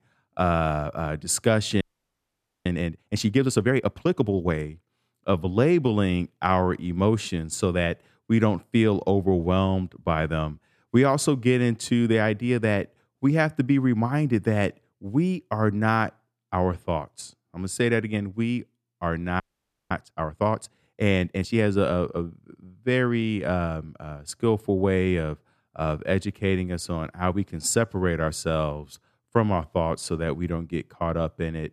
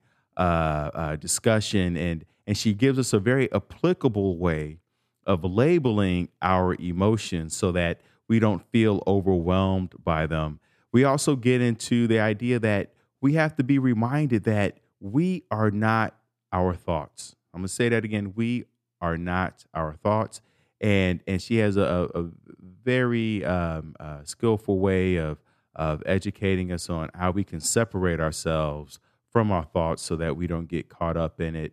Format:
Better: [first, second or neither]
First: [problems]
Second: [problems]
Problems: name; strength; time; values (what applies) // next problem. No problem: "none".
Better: second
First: audio freezing; at 2 s for 1 s and at 19 s for 0.5 s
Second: none